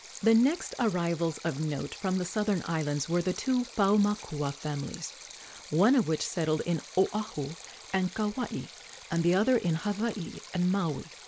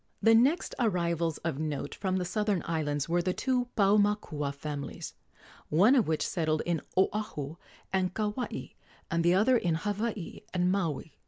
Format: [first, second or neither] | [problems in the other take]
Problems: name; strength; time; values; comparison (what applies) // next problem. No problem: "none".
second | background sound (Stream); 18 dB below the speech